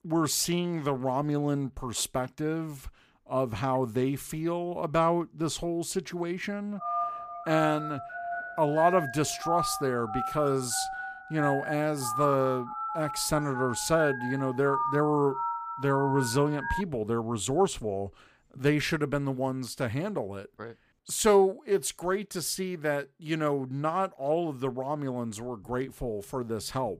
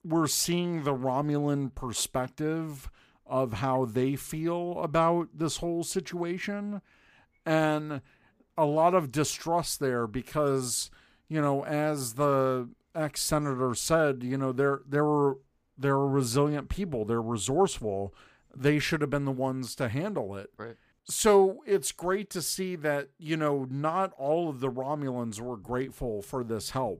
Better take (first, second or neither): second